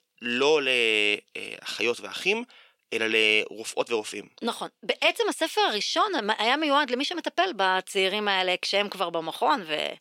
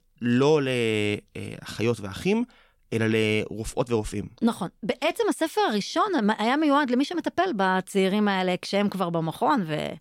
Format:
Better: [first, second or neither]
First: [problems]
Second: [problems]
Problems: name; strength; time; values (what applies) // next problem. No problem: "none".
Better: second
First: thin; somewhat; fading below 450 Hz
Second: none